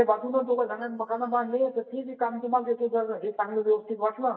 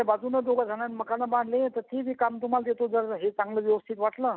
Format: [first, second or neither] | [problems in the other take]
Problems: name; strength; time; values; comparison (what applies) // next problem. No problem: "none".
second | noise reduction (neural mask model DeepFilterNet 3)